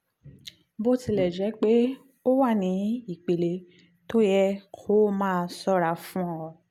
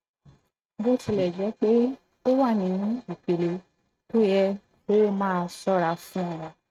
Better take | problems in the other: first | noise reduction (neural mask model RNNoise)

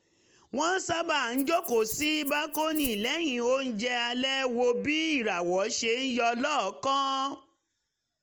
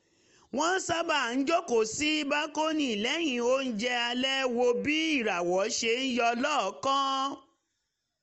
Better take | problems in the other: second | background sound (Rattle (instrument)); 12 dB below the speech

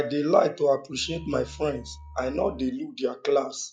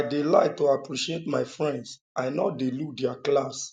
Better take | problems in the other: second | noise reduction (classical method log-MMSE)

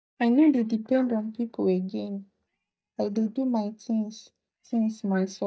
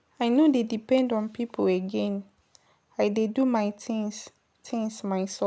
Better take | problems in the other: second | noise reduction (neural mask model DeepFilterNet 3)

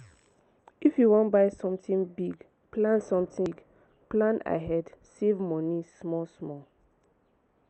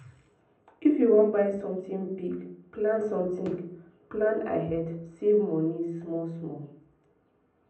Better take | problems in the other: first | room echo; dies away in 0.6 s

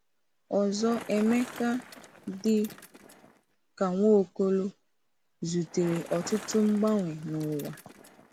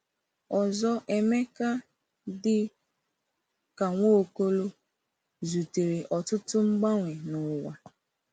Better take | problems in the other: second | background sound (Bicycle); 18 dB below the speech

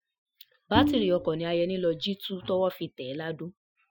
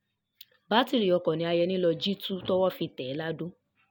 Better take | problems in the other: second | noise reduction (classical method Wiener filter)

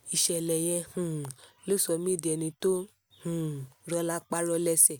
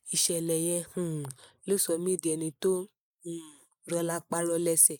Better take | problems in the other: first | noise reduction (neural mask model Resemble Enhance denoiser)

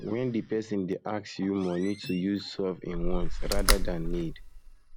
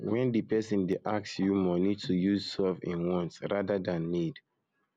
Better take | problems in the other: second | background sound (Slam); as loud as the speech

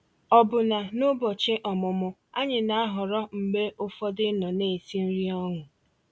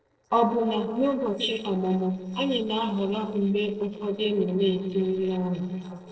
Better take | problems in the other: first | noise reduction (neural separator model SepFormer DNS4)

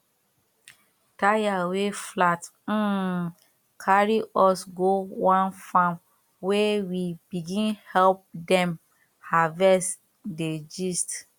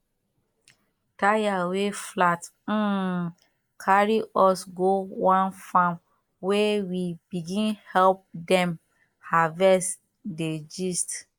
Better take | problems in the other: first | noise reduction (neural mask model Resemble Enhance denoiser)

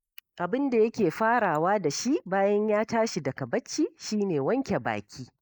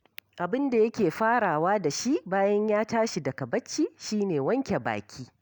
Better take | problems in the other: second | noise reduction (neural mask model Resemble Enhance denoiser)

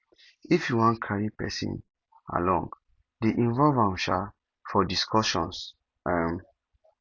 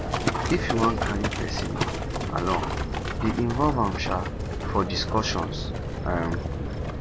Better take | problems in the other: first | background sound (Livestock, farm animals, working animals); 1 dB above the speech

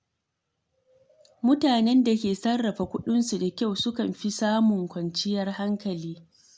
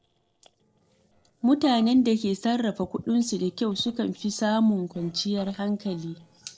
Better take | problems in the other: first | noise reduction (neural separator model SepFormer DNS4)

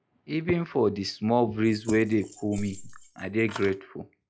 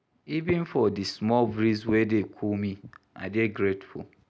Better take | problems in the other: second | noise reduction (classical method log-MMSE)

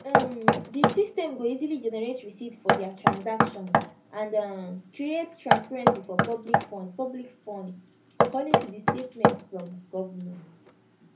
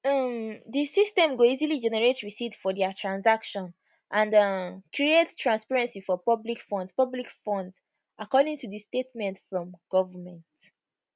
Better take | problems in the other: second | background sound (Knock); 5 dB above the speech // room echo; dies away in 0.4 s

